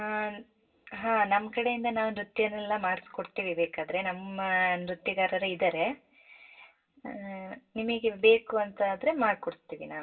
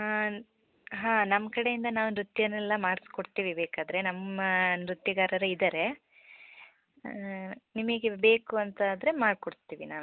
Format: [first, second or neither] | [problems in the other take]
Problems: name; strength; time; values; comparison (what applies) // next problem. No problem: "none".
second | room echo; dies away in 0.2 s